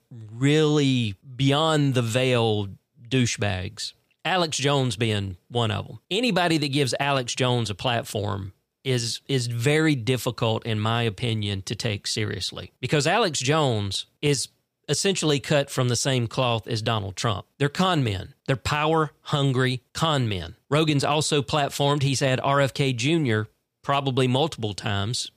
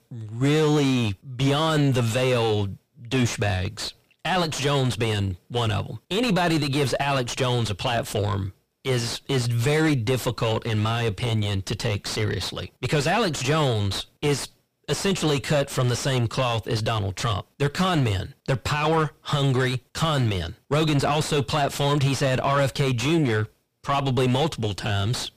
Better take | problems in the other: first | distortion; heavy; 5 dB below the speech

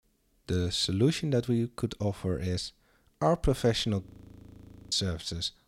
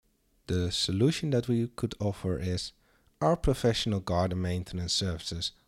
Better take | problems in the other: second | audio freezing; at 4 s for 1 s

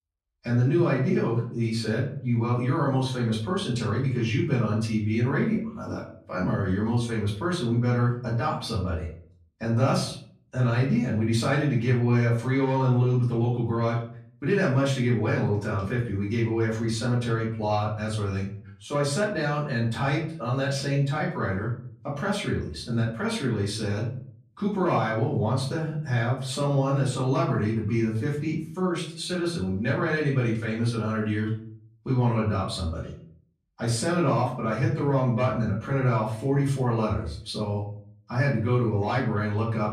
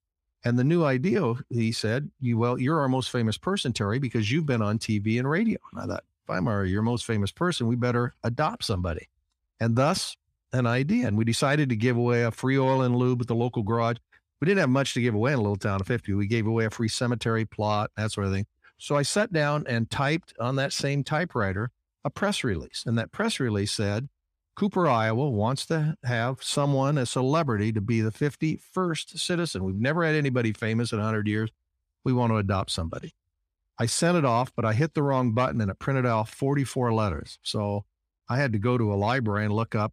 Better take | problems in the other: second | room echo; slight; dies away in 0.5 s // off-mic speech; far

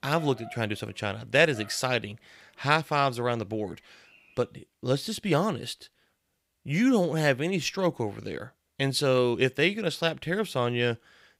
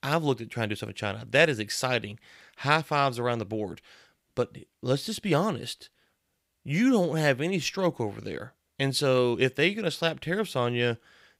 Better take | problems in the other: second | animal sounds; faint; until 4.5 s; 25 dB below the speech

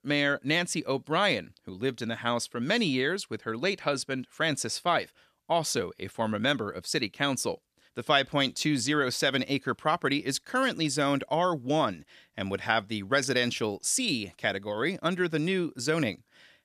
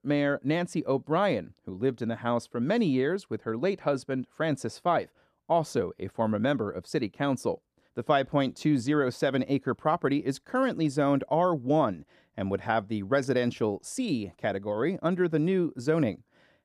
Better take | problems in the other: first | muffled; slightly; fading above 1.5 kHz

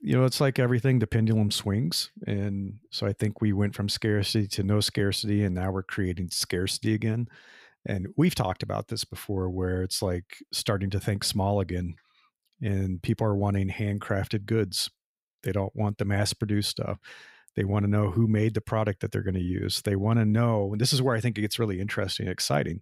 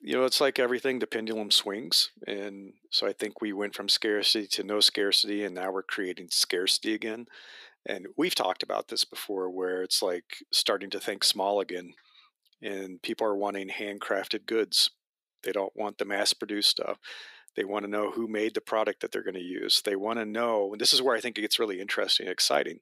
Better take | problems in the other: first | thin; very; fading below 300 Hz

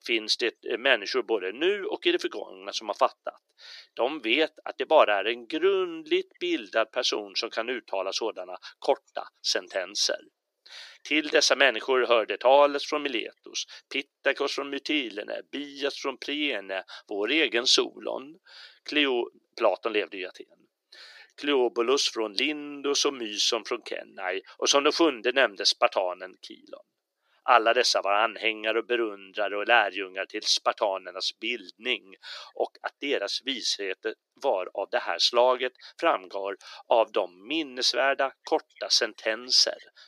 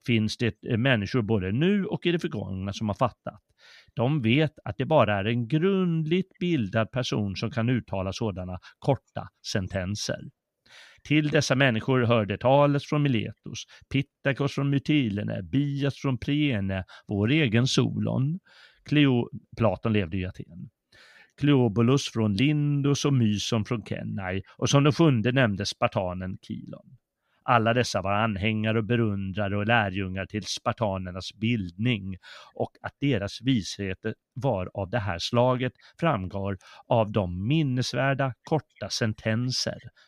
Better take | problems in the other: second | thin; very; fading below 350 Hz

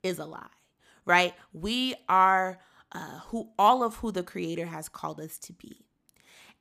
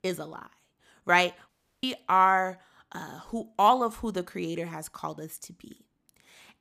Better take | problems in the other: first | audio cutting out; at 1.5 s

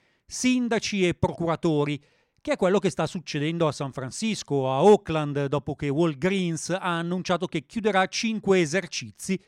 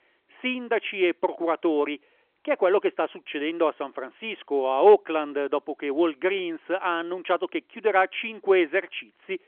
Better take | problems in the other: first | phone-call audio; nothing above 3.5 kHz

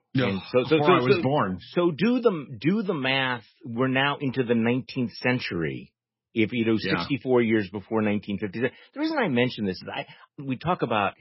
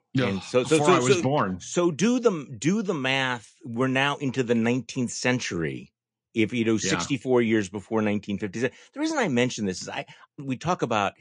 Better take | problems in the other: second | garbled, watery; badly; nothing above 5.5 kHz; slightly in the second

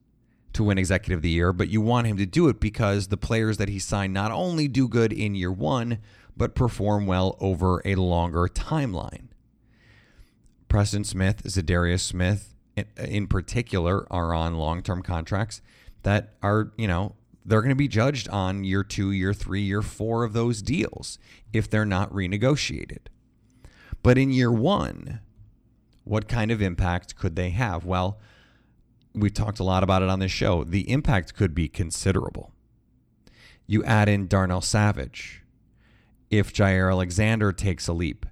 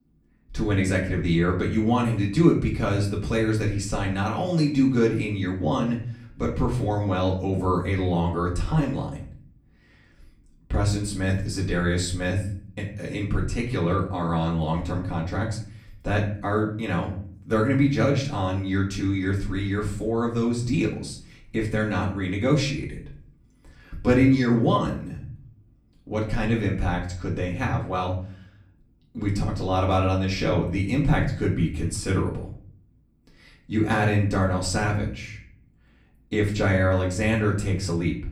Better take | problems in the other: first | off-mic speech; far // room echo; slight; dies away in 0.5 s

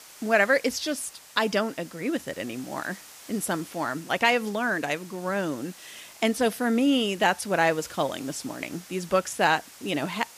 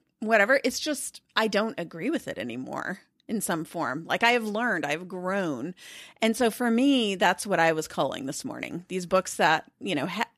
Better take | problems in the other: second | hiss; noticeable; throughout; 20 dB below the speech

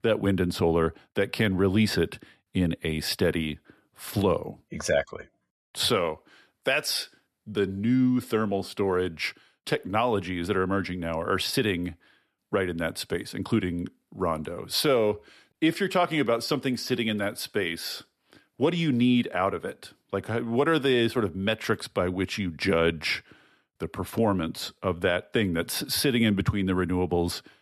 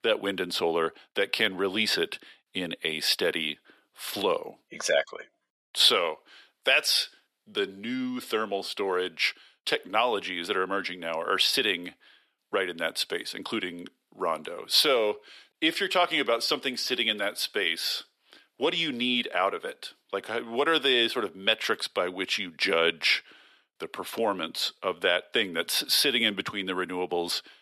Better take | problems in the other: first | thin; somewhat; fading below 400 Hz

